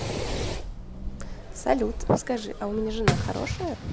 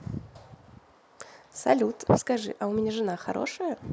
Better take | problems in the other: second | background sound (Fireworks); 1 dB below the speech

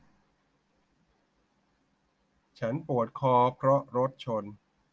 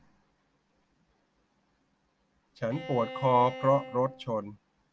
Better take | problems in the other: first | background sound (Bowed string instrument); 11 dB below the speech

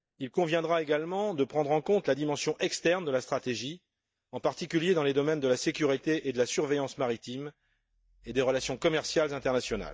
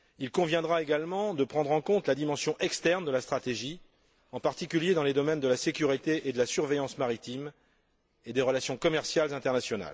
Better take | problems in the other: second | noise reduction (neural mask model DeepFilterNet 3)

